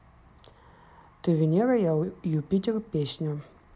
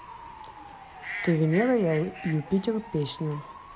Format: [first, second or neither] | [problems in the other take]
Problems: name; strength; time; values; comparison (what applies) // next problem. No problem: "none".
first | background sound (Bird / Fowl); 13 dB below the speech